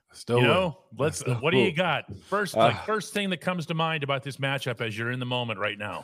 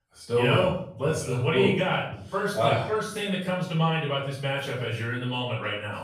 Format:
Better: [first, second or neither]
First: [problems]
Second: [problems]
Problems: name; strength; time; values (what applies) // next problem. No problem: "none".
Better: first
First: none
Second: room echo; noticeable; dies away in 0.5 s // off-mic speech; far